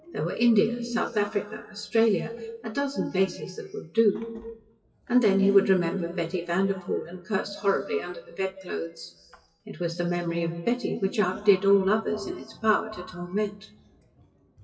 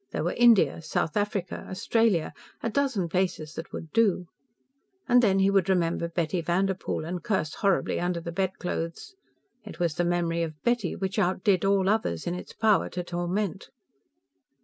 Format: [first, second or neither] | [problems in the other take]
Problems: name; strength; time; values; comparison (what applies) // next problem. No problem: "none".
second | noise reduction (classical method WPE with log-MMSE)